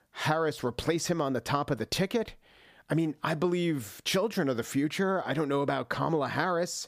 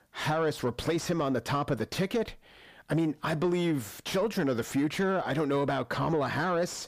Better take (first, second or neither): first